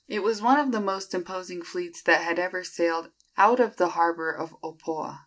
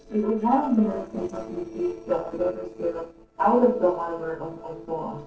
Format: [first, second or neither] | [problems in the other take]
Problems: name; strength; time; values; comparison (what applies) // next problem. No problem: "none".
first | noise reduction (neural separator model SepFormer DNS4)